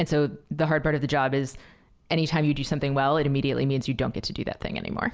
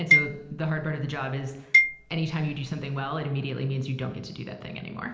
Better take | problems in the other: first | background sound (Marimba, xylophone); 4 dB above the speech // room echo; dies away in 0.9 s

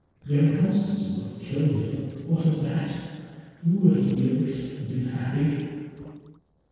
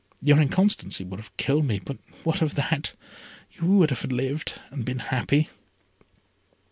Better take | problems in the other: second | noise reduction (neural separator model SepFormer DNS4)

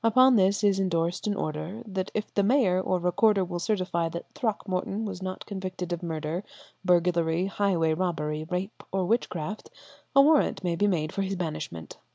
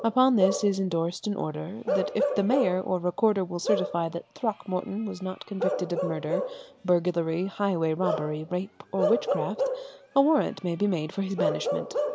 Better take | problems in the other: first | background sound (Bark / Livestock, farm animals, working animals); 5 dB below the speech

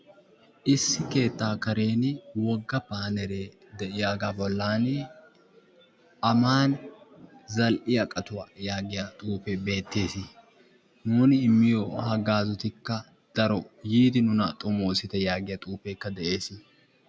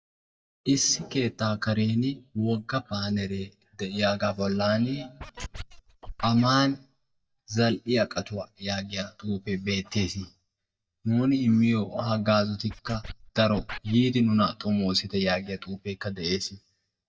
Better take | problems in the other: first | noise reduction (neural mask model DeepFilterNet 3)

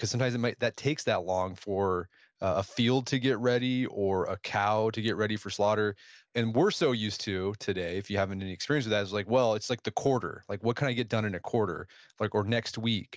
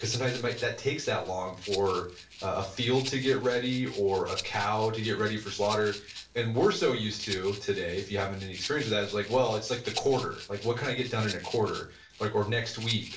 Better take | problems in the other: first | background sound (Rattle (instrument)); 14 dB below the speech // room echo; dies away in 0.3 s

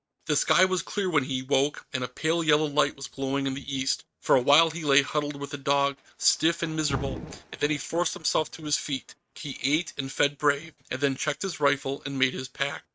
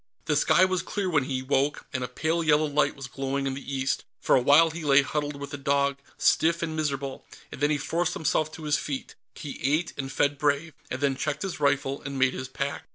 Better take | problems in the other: second | noise reduction (neural mask model RNNoise)

